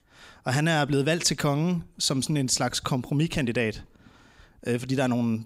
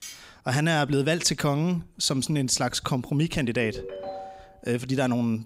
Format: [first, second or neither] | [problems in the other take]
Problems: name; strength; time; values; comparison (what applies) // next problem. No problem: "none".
first | clattering dishes; faint; at the start; peak 15 dB below the speech // phone ringing; faint; at 3.5 s; peak 10 dB below the speech